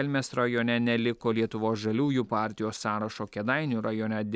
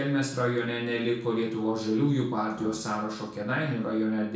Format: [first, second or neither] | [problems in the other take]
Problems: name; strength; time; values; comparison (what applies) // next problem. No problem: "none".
first | noise reduction (neural separator model SepFormer DNS4)